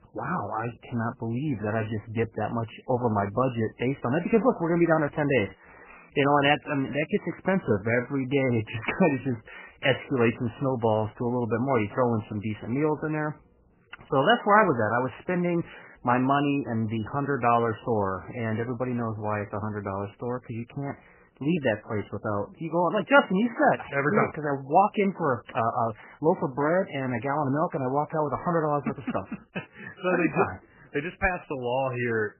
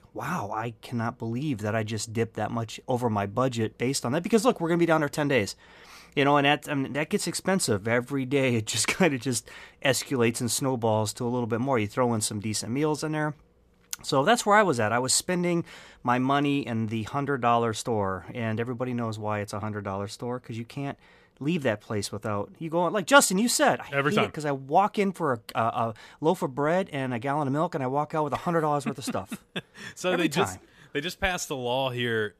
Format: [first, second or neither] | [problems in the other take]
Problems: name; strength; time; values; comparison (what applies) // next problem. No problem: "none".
second | garbled, watery; badly; nothing above 3 kHz